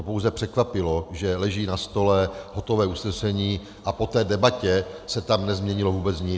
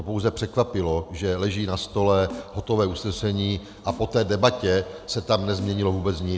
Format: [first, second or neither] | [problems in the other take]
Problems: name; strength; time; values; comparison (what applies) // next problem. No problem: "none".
first | background sound (Snare drum); 19 dB below the speech